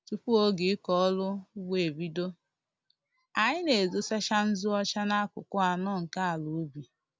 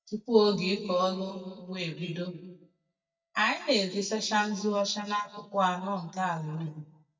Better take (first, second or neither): first